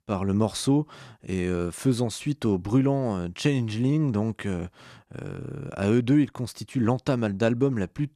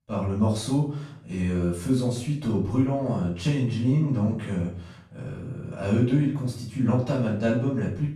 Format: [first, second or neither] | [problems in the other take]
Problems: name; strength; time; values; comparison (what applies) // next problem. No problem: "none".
first | room echo; noticeable; dies away in 0.5 s // off-mic speech; far